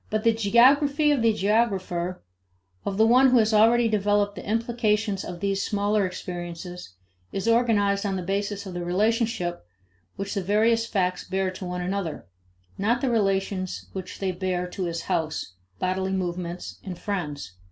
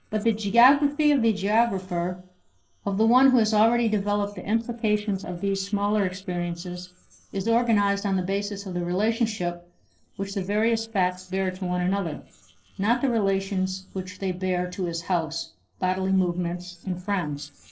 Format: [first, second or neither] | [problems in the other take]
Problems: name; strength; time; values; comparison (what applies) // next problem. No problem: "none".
first | noise reduction (neural separator model SepFormer DNS4)